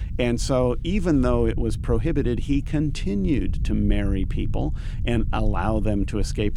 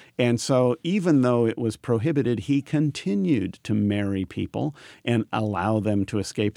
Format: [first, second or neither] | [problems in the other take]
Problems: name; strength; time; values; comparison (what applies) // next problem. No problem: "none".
second | low rumble; noticeable; throughout; 20 dB below the speech